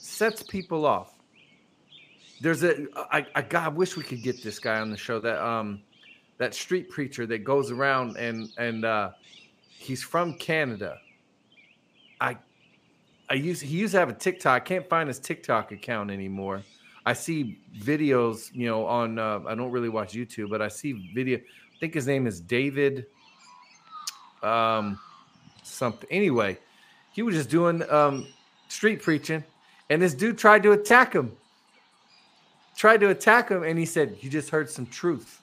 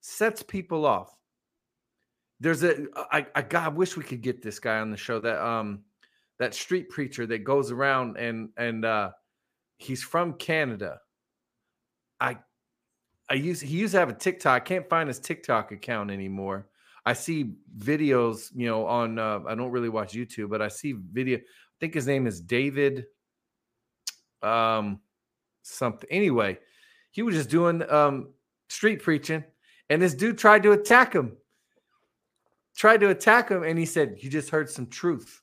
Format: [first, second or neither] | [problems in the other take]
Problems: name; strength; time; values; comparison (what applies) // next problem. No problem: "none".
second | animal sounds; faint; throughout; 25 dB below the speech